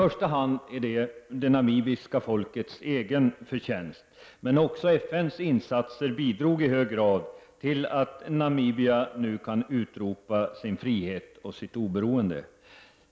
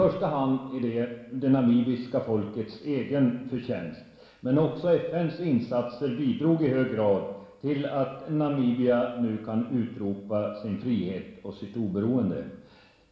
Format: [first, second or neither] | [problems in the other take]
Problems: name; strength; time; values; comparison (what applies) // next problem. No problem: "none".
first | room echo; dies away in 0.9 s